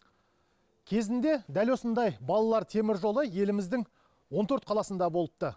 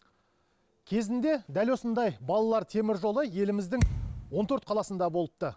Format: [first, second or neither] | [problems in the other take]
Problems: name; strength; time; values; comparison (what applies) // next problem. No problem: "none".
first | background sound (Thump, thud); 2 dB below the speech